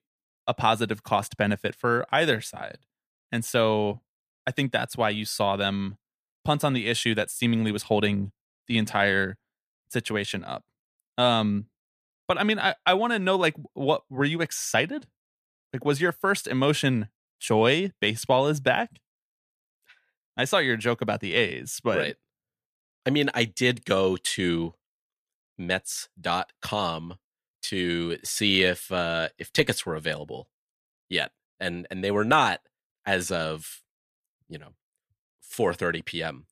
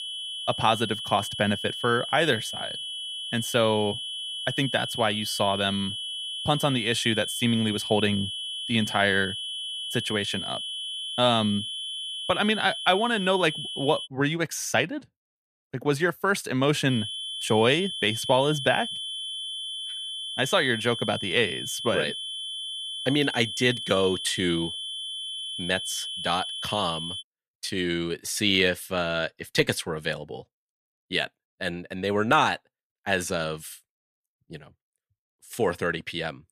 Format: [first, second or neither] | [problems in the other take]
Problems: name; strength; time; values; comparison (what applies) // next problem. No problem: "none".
first | high-pitched whine; loud; until 14 s and from 17 to 27 s; 3 kHz, 5 dB below the speech